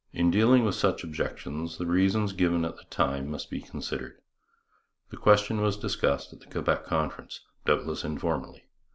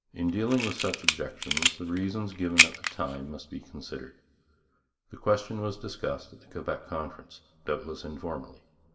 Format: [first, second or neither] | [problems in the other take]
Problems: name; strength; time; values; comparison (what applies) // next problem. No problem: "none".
first | background sound (Camera); 4 dB above the speech // room echo; dies away in 2 s